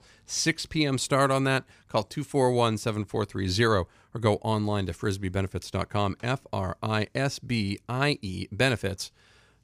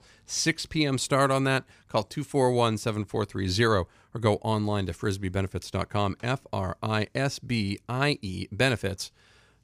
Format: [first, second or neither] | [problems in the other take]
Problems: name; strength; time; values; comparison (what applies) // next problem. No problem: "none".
neither | none